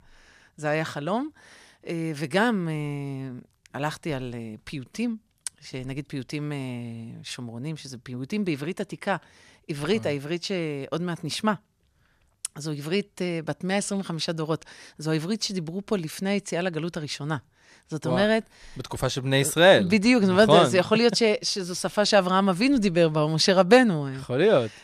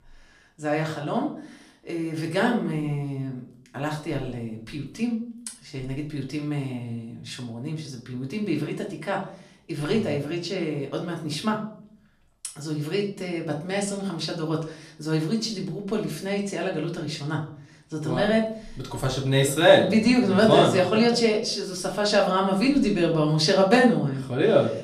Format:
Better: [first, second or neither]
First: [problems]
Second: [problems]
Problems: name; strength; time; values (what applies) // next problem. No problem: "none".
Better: first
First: none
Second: room echo; slight; dies away in 0.5 s // off-mic speech; far